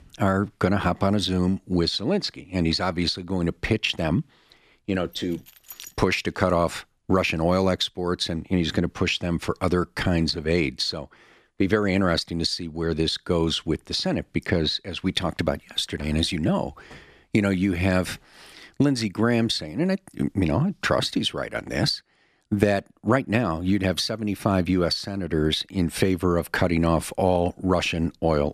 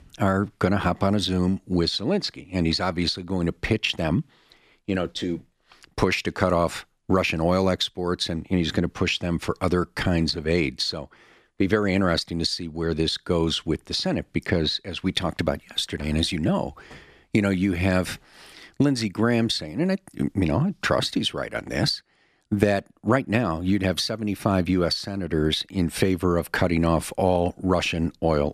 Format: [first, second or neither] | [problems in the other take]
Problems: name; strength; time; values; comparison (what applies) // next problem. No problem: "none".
second | jangling keys; faint; at 5 s; peak 15 dB below the speech